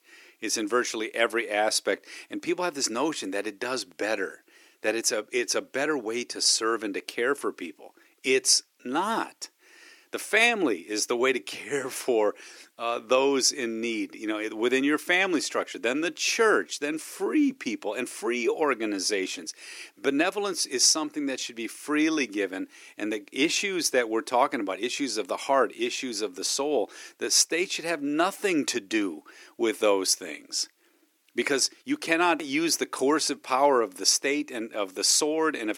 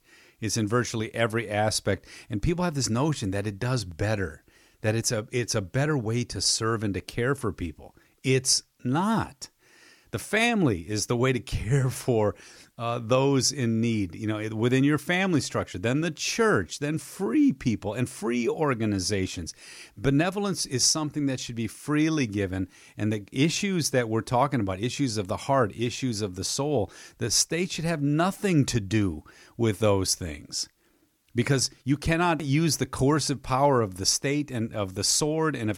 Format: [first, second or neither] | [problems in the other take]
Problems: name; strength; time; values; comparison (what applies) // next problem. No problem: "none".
second | thin; somewhat; fading below 300 Hz